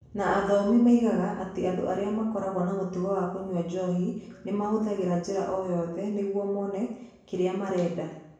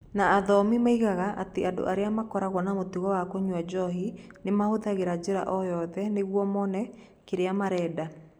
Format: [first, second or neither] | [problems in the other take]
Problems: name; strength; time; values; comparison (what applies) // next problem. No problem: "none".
second | room echo; dies away in 0.7 s